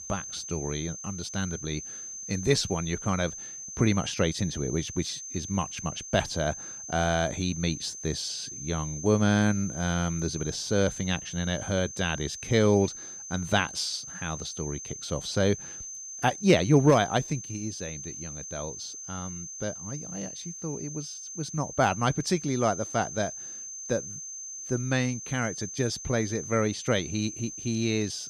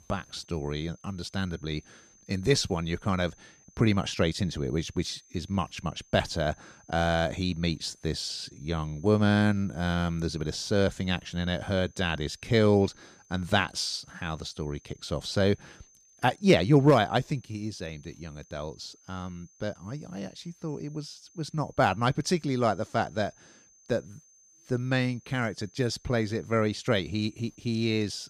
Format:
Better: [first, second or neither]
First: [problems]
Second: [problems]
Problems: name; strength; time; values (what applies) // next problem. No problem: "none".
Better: second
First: high-pitched whine; loud; throughout; 6.5 kHz, 9 dB below the speech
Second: high-pitched whine; faint; throughout; 6.5 kHz, 30 dB below the speech